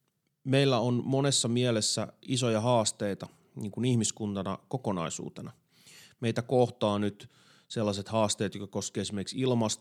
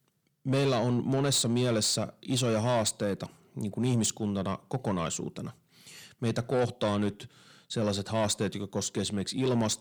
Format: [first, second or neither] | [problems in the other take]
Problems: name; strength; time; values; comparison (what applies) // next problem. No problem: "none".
first | distortion; slight; 10 dB below the speech